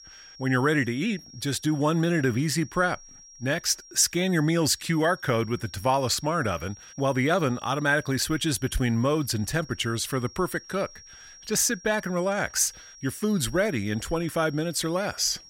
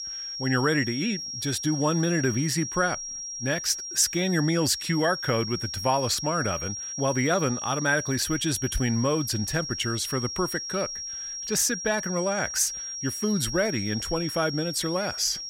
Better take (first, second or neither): first